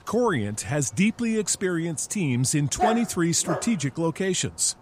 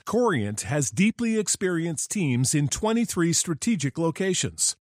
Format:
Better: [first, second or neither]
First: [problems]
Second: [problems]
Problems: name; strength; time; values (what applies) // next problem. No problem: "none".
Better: second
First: dog barking; noticeable; at 3 s; peak 2 dB below the speech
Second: none